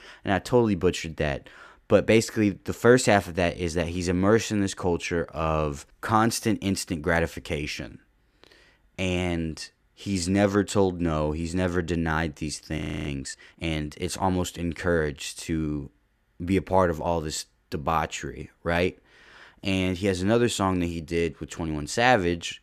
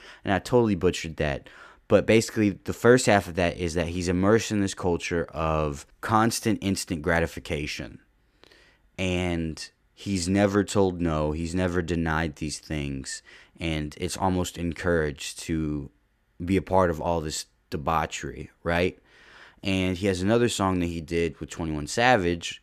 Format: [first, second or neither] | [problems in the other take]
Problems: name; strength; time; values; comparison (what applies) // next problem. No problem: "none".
second | audio freezing; at 13 s